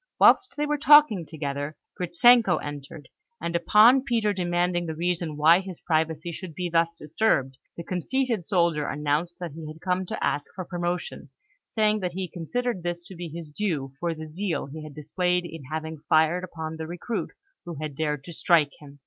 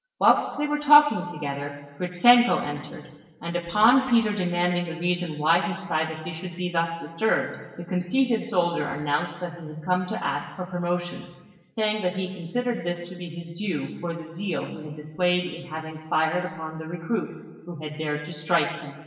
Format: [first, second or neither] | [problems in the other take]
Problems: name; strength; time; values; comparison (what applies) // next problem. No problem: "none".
first | room echo; dies away in 1.2 s